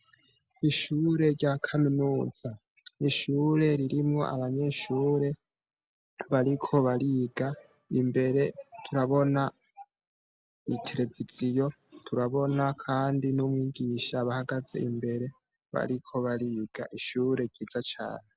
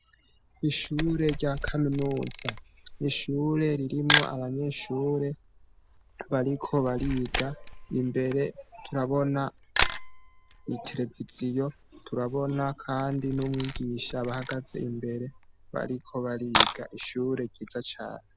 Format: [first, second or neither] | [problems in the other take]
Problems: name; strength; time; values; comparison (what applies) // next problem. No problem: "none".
first | background sound (Camera); 5 dB below the speech